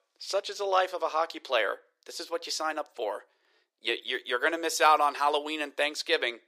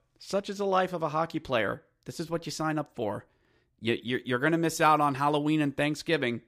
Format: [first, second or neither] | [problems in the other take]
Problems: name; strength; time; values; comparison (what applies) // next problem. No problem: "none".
second | thin; very; fading below 400 Hz